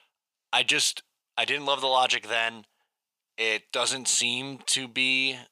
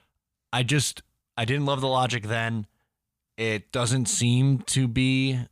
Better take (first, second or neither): second